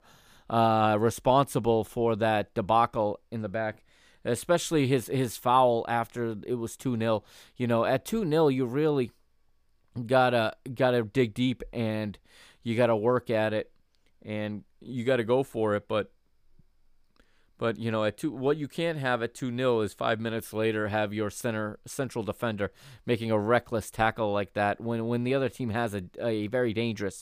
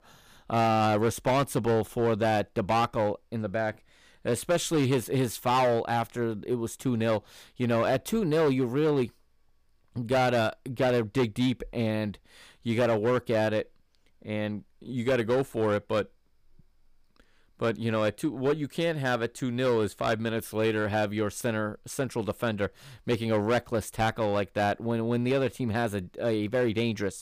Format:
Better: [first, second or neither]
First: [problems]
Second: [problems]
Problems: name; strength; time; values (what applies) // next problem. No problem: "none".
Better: first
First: none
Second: distortion; slight; 7% of the sound clipped